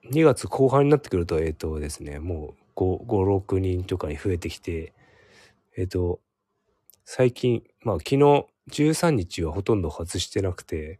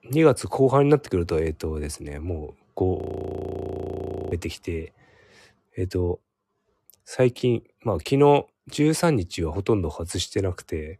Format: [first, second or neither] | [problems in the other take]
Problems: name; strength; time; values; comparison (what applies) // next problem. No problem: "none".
first | audio freezing; at 3 s for 1.5 s